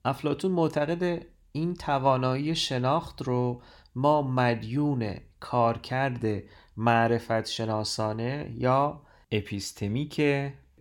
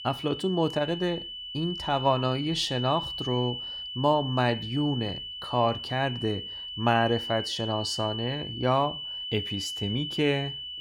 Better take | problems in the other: first | high-pitched whine; loud; throughout; 3 kHz, 6 dB below the speech

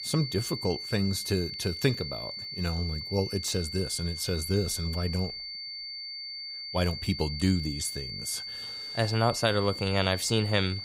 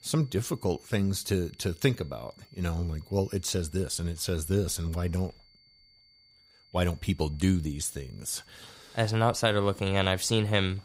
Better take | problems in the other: second | high-pitched whine; loud; throughout; 4.5 kHz, 6 dB below the speech; faint in the second

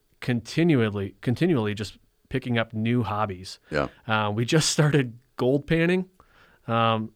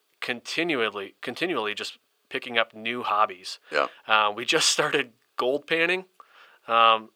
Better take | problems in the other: first | thin; very; fading below 550 Hz

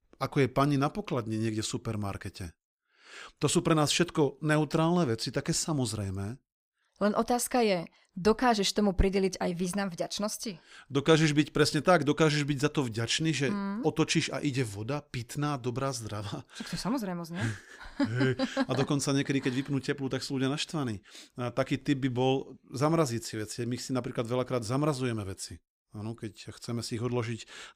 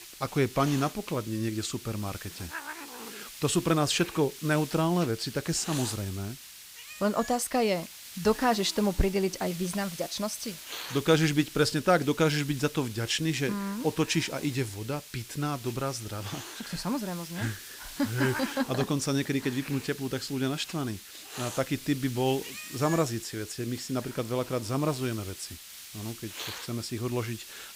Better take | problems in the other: first | hiss; noticeable; throughout; 10 dB below the speech

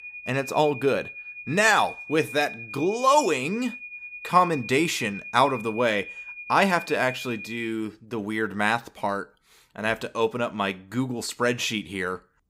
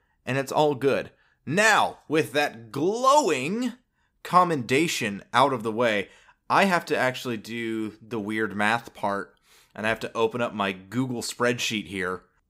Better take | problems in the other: second | high-pitched whine; noticeable; until 7.5 s; 2.5 kHz, 10 dB below the speech

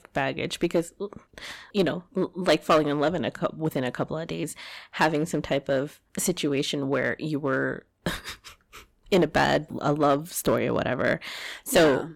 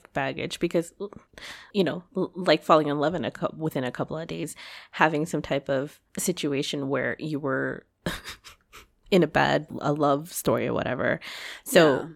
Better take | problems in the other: second | distortion; slight; 3% of the sound clipped

